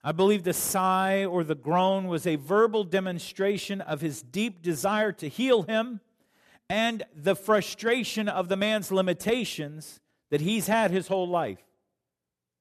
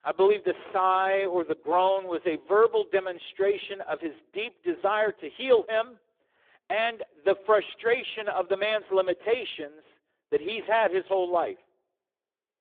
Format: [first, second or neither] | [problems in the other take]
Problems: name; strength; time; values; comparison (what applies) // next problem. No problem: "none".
first | phone-call audio; poor line; nothing above 3.5 kHz